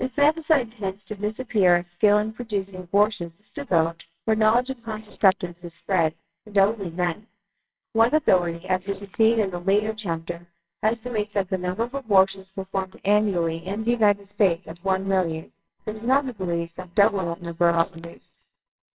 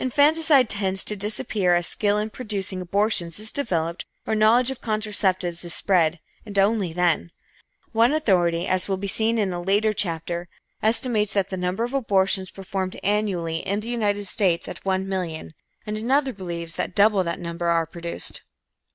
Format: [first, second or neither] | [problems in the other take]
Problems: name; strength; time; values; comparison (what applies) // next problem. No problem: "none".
second | noise reduction (neural separator model SepFormer WHAMR!)